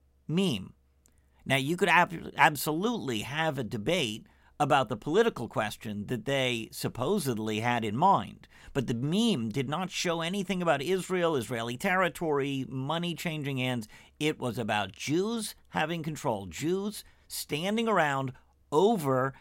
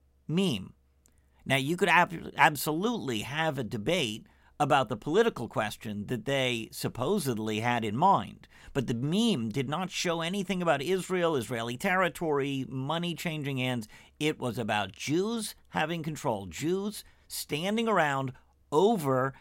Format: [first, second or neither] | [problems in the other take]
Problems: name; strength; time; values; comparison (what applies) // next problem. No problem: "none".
neither | none